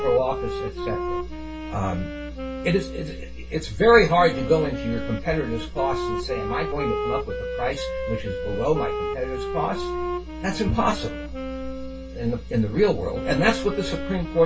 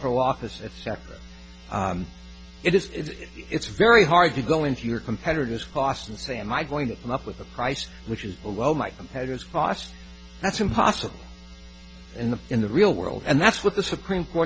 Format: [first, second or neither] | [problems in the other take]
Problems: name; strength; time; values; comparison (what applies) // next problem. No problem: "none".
second | background sound (Wind instrument, woodwind instrument); 7 dB below the speech // room echo; dies away in 0.2 s